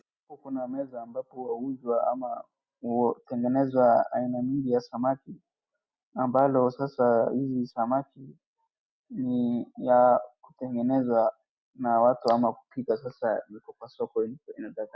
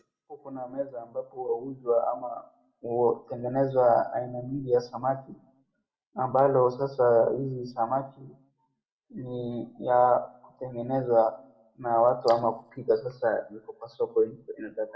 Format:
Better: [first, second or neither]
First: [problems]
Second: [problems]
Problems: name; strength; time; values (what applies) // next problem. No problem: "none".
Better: first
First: none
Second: room echo; dies away in 0.3 s